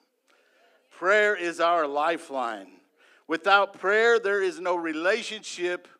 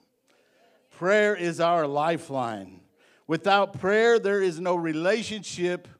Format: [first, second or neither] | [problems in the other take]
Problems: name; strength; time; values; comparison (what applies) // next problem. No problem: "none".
second | thin; somewhat; fading below 250 Hz